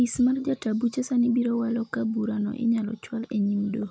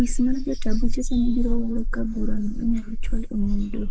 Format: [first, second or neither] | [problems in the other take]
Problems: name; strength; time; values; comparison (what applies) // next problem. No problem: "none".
first | noise reduction (neural mask model Resemble Enhance denoiser)